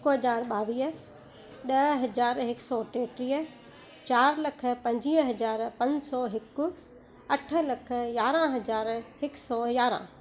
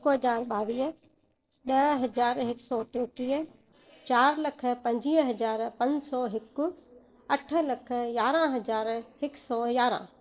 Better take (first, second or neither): first